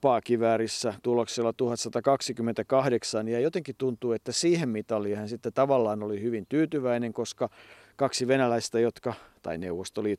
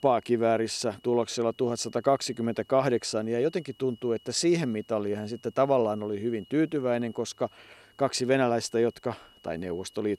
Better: first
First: none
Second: high-pitched whine; faint; throughout; 3 kHz, 30 dB below the speech

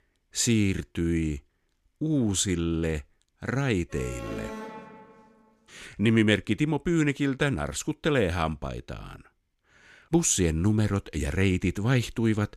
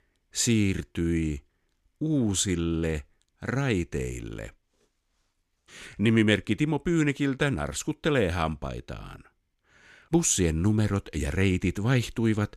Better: second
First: alarm; faint; from 4 to 5 s; peak 10 dB below the speech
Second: none

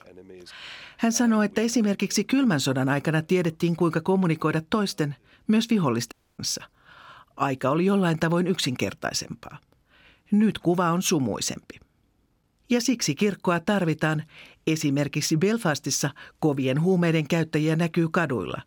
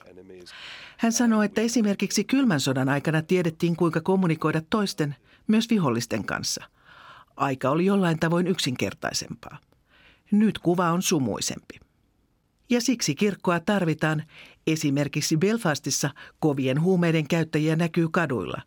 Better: second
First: audio cutting out; at 6 s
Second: none

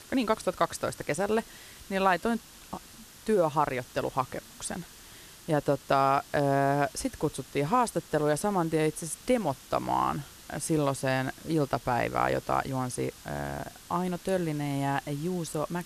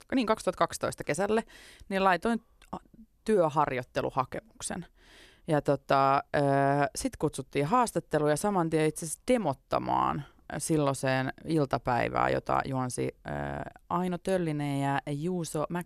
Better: second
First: hiss; noticeable; throughout; 20 dB below the speech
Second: none

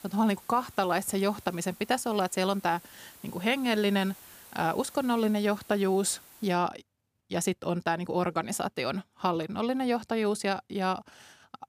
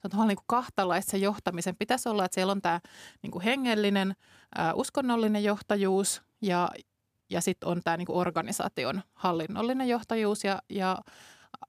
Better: second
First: hiss; faint; until 6.5 s; 20 dB below the speech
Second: none

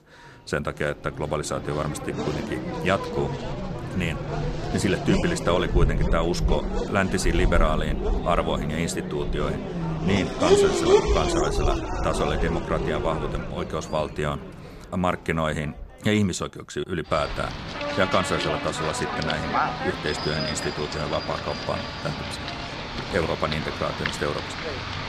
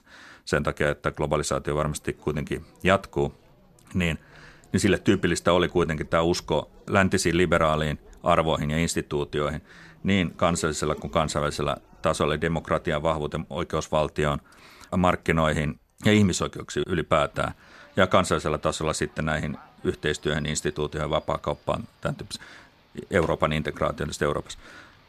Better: second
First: traffic noise; loud; throughout; as loud as the speech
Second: traffic noise; faint; throughout; 30 dB below the speech

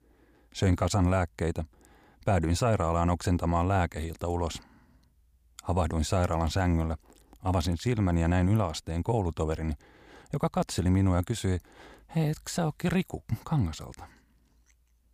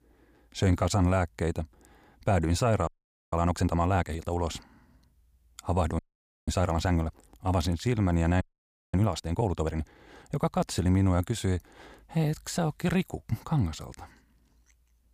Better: first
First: none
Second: audio freezing; at 3 s, at 6 s and at 8.5 s for 0.5 s

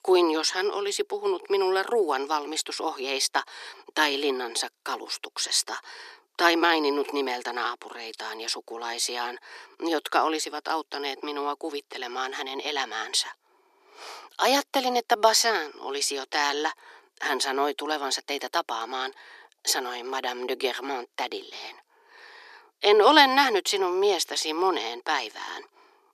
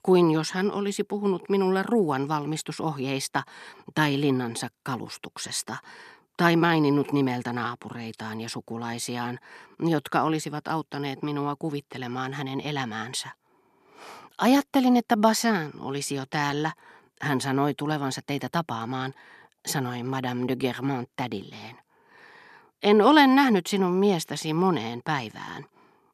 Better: second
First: thin; very; fading below 350 Hz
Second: none

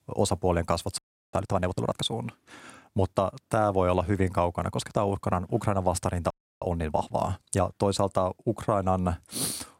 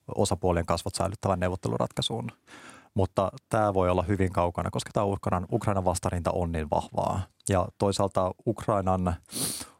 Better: second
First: audio freezing; at 1 s and at 6.5 s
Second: none

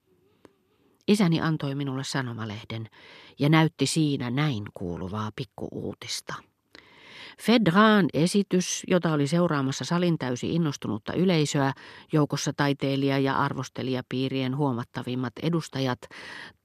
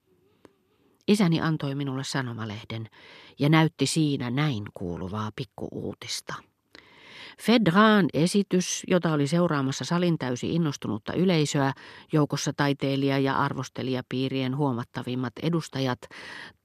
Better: neither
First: none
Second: none

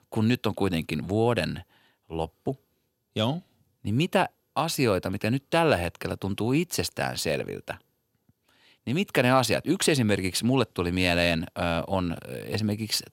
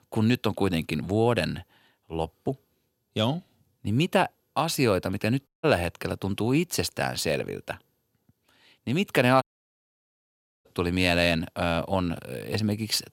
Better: first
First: none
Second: audio cutting out; at 5.5 s and at 9.5 s for 1 s

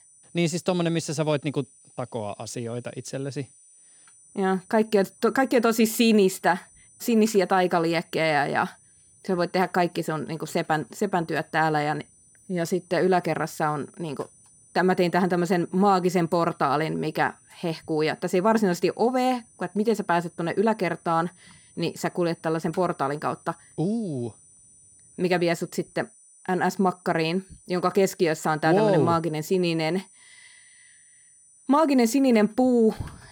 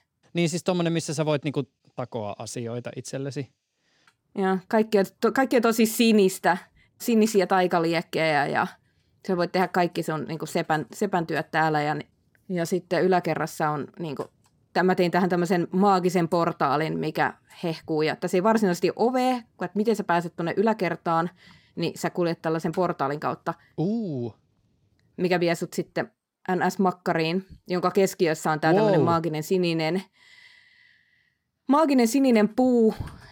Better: second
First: high-pitched whine; faint; throughout; 9 kHz, 25 dB below the speech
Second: none

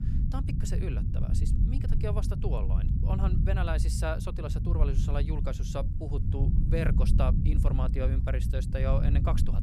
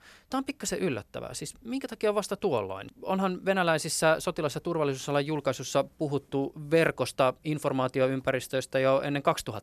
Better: second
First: low rumble; loud; throughout; 5 dB below the speech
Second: none

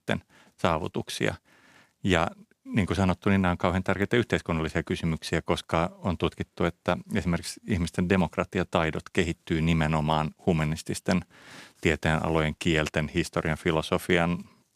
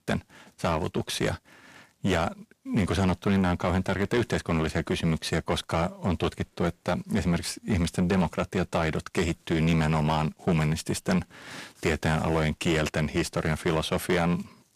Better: first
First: none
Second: distortion; heavy; 7 dB below the speech

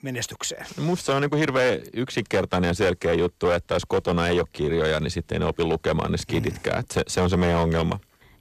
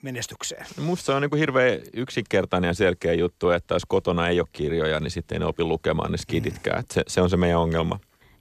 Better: second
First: distortion; slight; 8% of the sound clipped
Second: none

